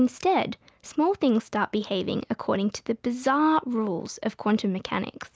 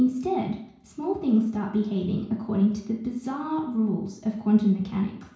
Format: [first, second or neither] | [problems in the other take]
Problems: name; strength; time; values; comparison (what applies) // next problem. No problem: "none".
first | room echo; dies away in 0.6 s